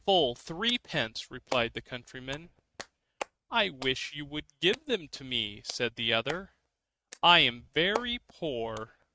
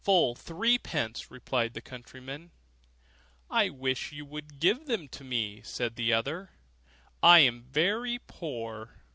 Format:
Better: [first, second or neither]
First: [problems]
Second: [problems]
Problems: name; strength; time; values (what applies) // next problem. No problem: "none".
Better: second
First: noise reduction (neural mask model RNNoise)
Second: none